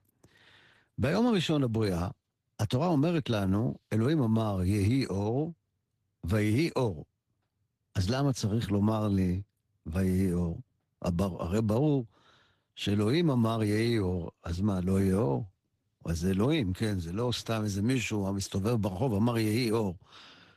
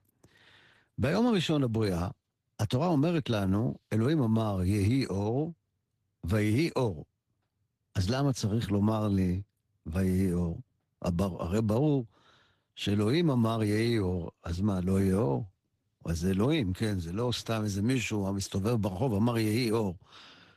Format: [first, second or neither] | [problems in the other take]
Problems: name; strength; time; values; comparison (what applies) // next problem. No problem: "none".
neither | garbled, watery; slightly; nothing above 14 kHz; the same in both